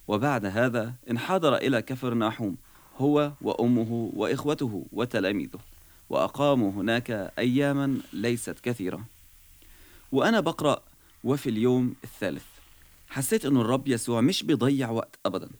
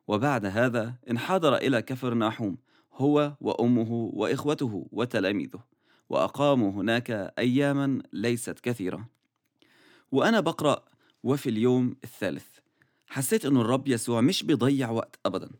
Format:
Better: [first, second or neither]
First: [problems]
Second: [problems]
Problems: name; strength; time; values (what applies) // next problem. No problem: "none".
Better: second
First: hiss; faint; throughout; 25 dB below the speech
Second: none